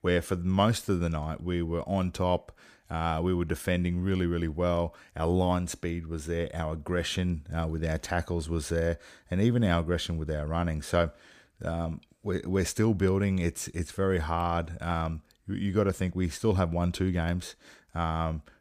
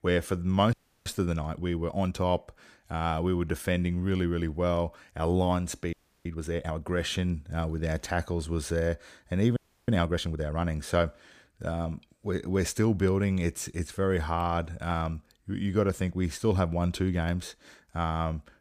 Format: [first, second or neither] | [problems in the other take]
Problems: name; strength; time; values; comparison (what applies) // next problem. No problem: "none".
first | audio freezing; at 0.5 s, at 6 s and at 9.5 s